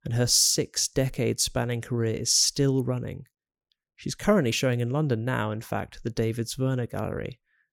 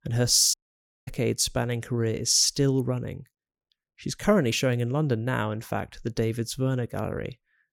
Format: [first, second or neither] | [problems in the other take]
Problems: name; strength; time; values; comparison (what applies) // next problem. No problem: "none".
first | audio cutting out; at 0.5 s for 0.5 s